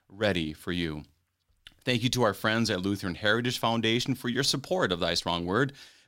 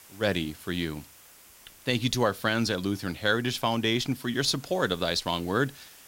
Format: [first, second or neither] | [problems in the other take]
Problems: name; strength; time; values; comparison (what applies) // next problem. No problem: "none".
first | hiss; faint; throughout; 20 dB below the speech